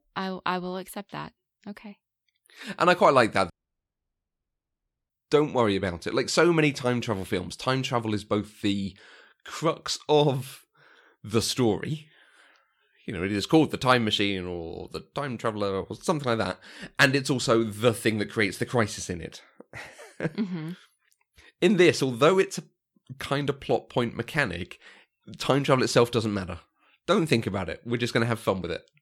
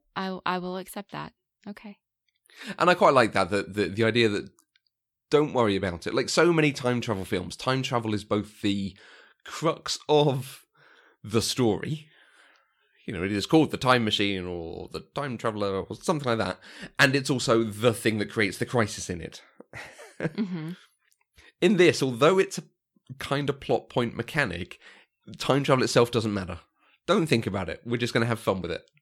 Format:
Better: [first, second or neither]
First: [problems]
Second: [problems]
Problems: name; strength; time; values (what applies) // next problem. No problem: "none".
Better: second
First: audio cutting out; at 3.5 s for 1.5 s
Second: none